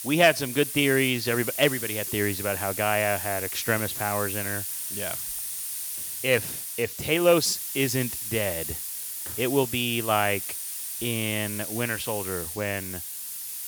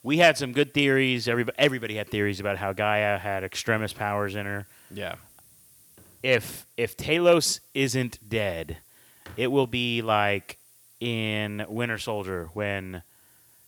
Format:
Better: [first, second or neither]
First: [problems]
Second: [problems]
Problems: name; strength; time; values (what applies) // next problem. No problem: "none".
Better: second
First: hiss; loud; throughout; 5 dB below the speech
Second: hiss; faint; throughout; 30 dB below the speech